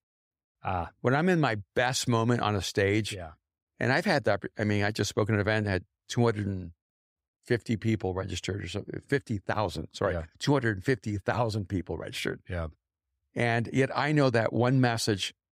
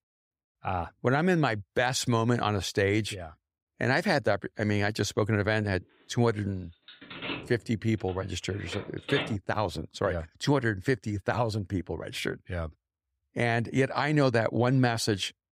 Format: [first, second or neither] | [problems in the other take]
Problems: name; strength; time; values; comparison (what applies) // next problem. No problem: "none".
first | phone ringing; noticeable; from 7 to 9.5 s; peak 5 dB below the speech